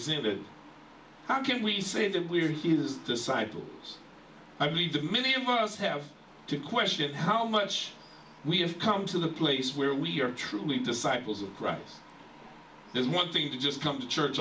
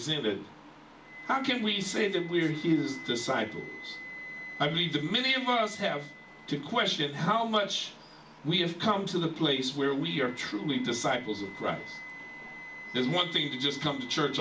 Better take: first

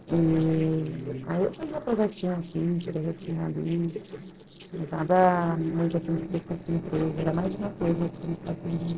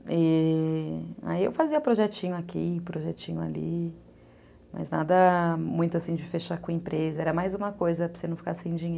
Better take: second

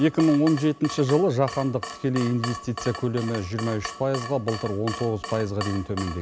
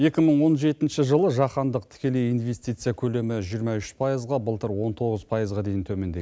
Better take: second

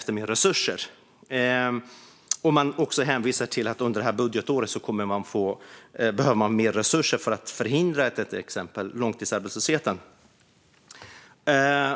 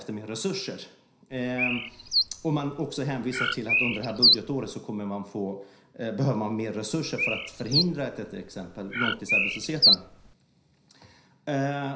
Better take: first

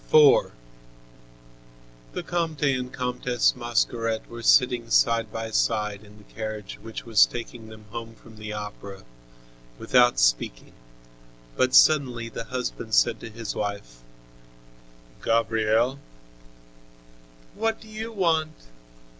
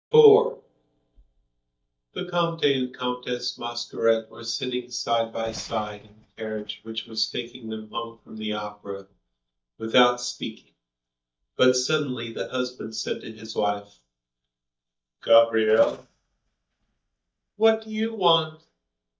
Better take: first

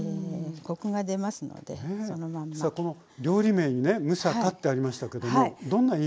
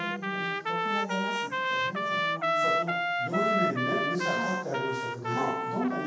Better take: first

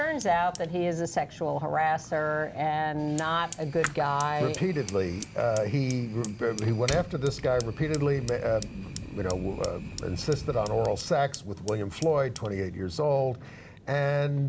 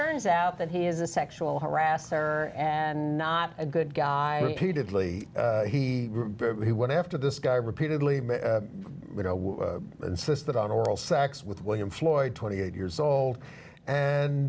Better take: second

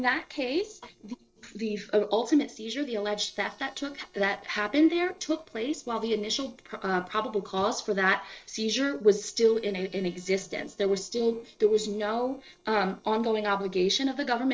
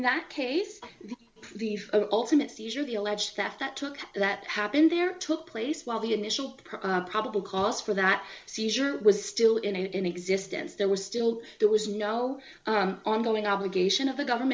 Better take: second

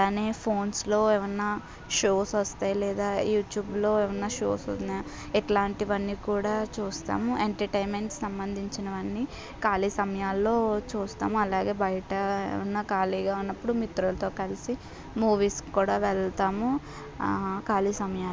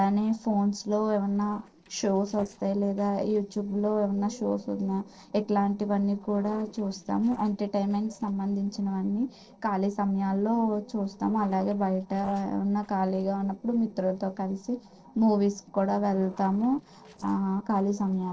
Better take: first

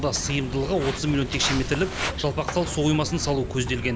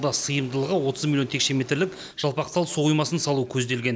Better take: second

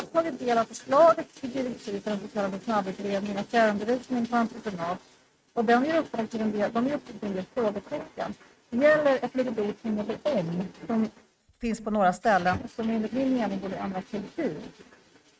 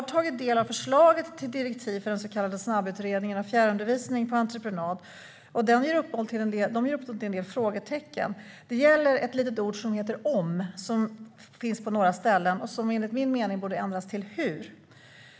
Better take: second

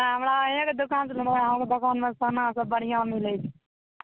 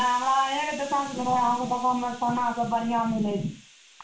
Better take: first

